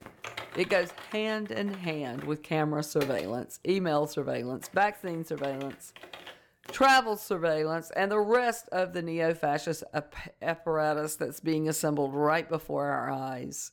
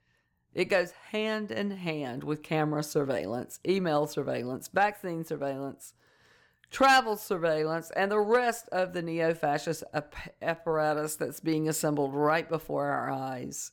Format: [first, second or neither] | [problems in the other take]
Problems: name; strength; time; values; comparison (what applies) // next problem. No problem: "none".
second | keyboard typing; faint; until 7 s; peak 10 dB below the speech